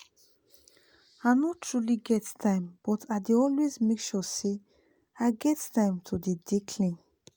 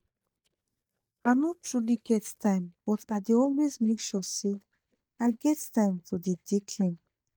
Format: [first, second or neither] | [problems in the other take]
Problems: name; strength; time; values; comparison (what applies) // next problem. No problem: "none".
first | noise reduction (neural mask model DeepFilterNet 3)